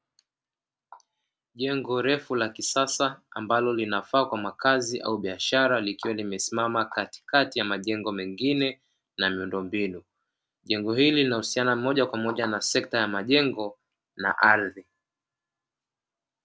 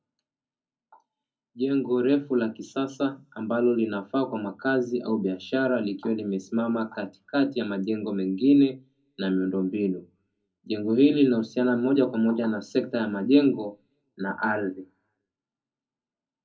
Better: first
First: none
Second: room echo; dies away in 0.4 s

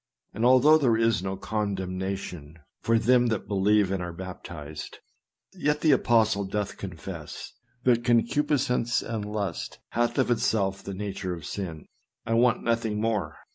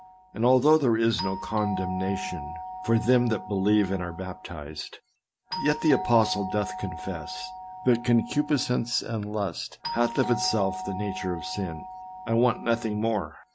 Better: first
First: none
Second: background sound (Doorbell); 11 dB below the speech

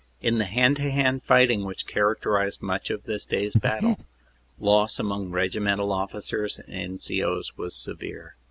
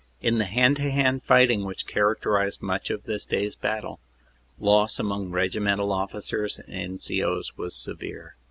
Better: second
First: background sound (Breathing); 2 dB above the speech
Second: none

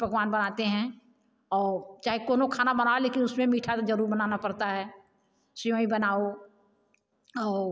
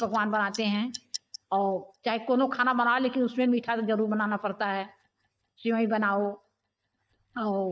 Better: first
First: none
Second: noise reduction (neural mask model DeepFilterNet 3)

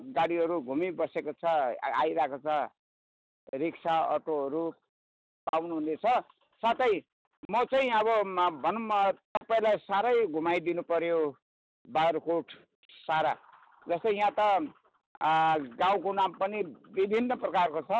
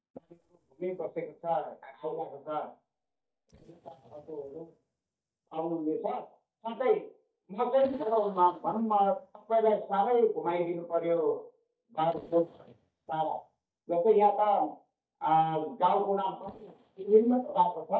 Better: first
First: none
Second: noise reduction (neural mask model DeepFilterNet 3)

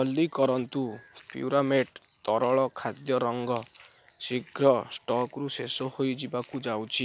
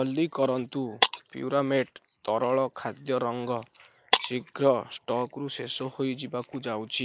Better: first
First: none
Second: noise reduction (neural mask model Resemble Enhance denoiser)

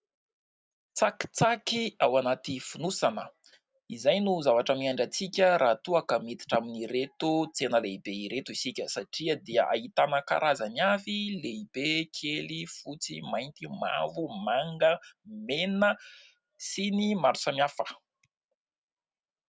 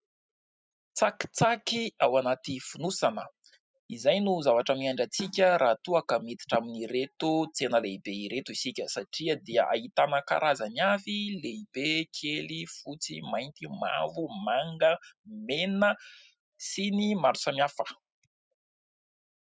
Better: first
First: none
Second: noise reduction (classical method spectral subtraction)

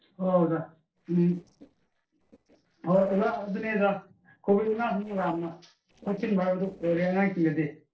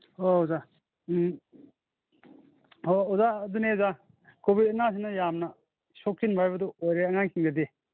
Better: second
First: noise reduction (neural separator model SepFormer DNS4)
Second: none

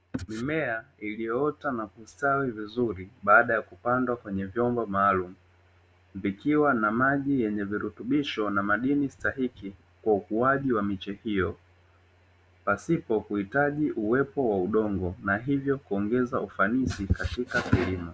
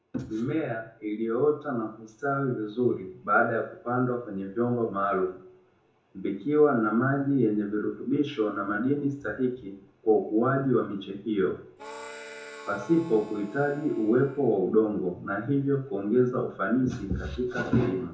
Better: first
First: none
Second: background sound (Harmonica); 18 dB below the speech // room echo; dies away in 0.6 s

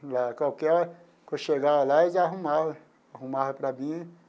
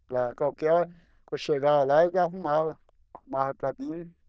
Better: first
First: none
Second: noise reduction (neural diffusion model UNIVERSE++)

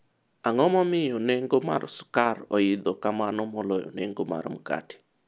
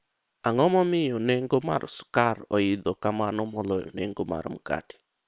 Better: first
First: none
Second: noise reduction (neural separator model SepFormer WHAM!)

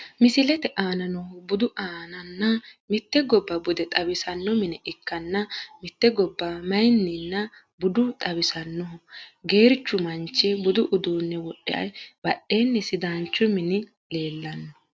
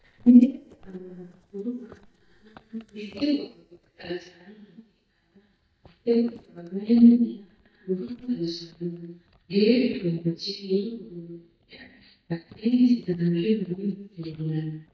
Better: first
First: none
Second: noise reduction (neural mask model DeepFilterNet 3)

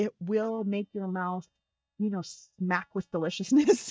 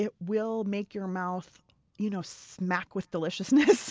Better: second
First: noise reduction (neural mask model DeepFilterNet 3)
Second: none

